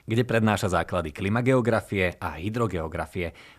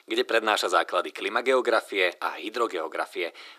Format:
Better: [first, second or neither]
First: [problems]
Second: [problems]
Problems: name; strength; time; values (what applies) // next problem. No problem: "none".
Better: first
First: none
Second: thin; very; fading below 350 Hz